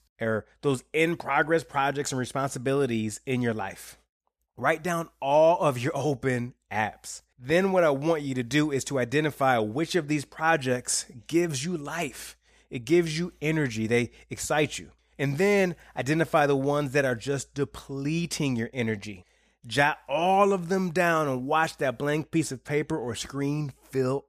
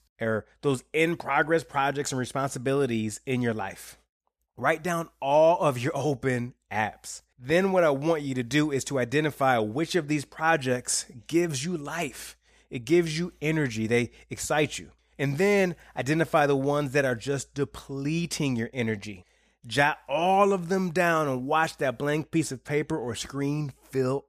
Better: neither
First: none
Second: none

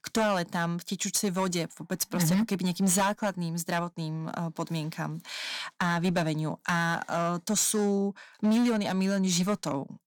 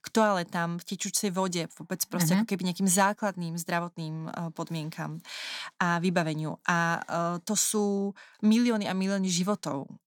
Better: second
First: distortion; slight; 7% of the sound clipped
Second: none

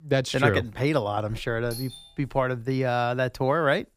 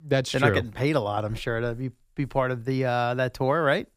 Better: second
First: doorbell; faint; at 1.5 s; peak 15 dB below the speech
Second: none

